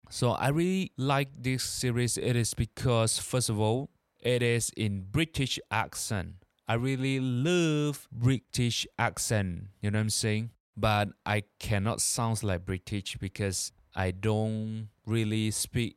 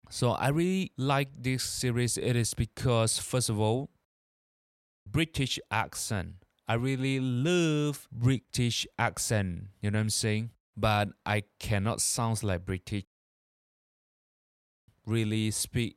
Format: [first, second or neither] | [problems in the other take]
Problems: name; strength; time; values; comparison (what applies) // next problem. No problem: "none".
first | audio cutting out; at 4 s for 1 s and at 13 s for 2 s